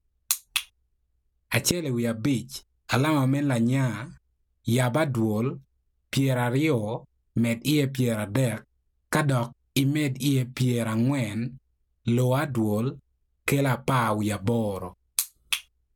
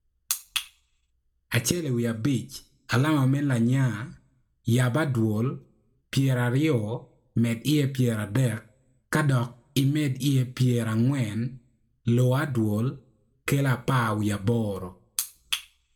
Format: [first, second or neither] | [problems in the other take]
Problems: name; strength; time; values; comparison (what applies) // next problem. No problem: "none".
first | room echo; dies away in 0.3 s